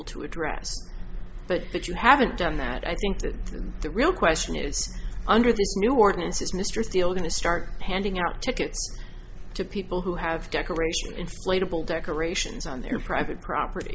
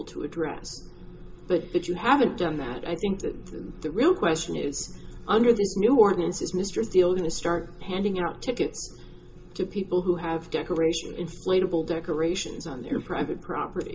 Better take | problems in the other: first | room echo; dies away in 0.2 s

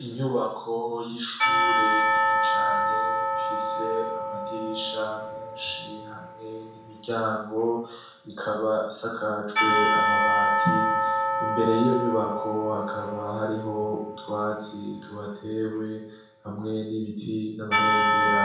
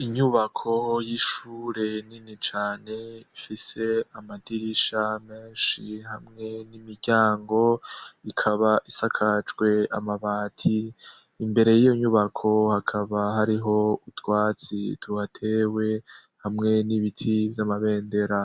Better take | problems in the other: second | background sound (Church bell / Percussion); 3 dB above the speech // room echo; dies away in 0.6 s

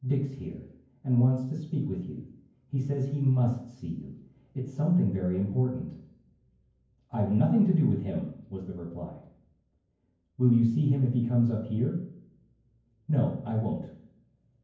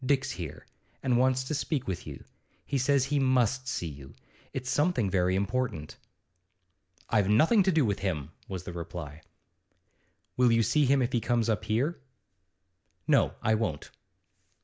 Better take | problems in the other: second | room echo; dies away in 0.9 s

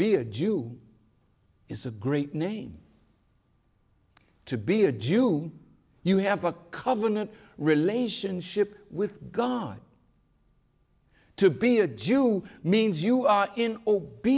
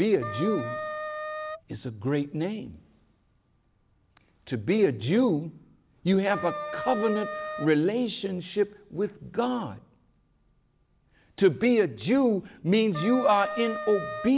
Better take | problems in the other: first | background sound (Wind instrument, woodwind instrument); 7 dB below the speech

